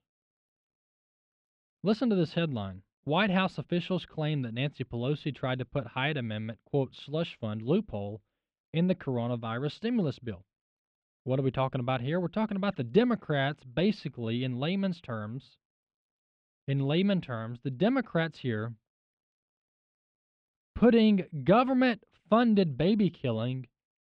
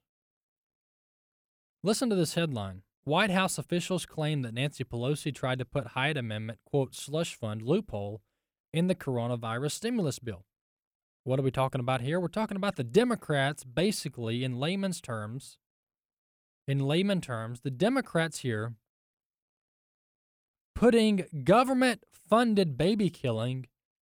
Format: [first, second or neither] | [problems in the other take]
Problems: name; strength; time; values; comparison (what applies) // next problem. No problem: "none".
second | muffled; slightly; fading above 3.5 kHz